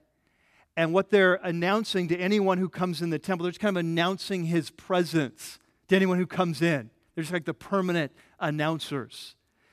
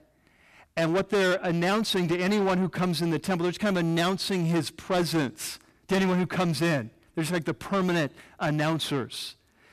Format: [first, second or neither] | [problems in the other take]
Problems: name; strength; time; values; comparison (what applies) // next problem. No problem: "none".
first | distortion; heavy; 7 dB below the speech